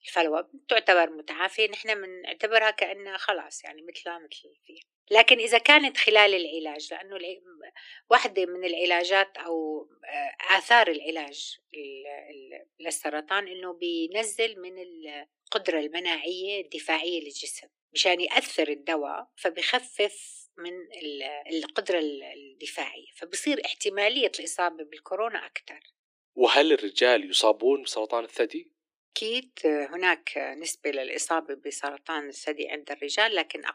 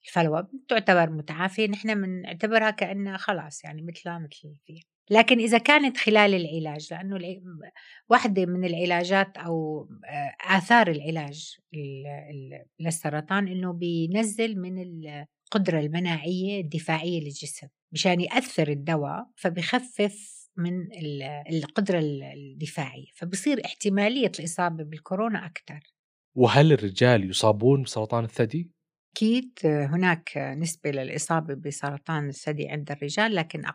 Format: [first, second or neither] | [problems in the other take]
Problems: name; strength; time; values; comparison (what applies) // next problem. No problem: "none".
second | thin; very; fading below 300 Hz